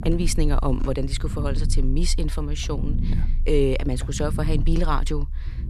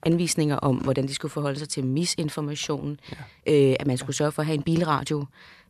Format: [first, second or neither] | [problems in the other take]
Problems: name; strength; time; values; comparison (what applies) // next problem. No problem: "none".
second | low rumble; noticeable; throughout; 15 dB below the speech